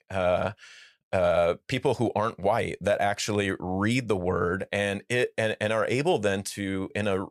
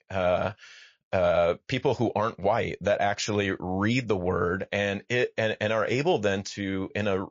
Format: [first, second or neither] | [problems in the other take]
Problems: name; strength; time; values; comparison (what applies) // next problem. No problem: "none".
first | garbled, watery; slightly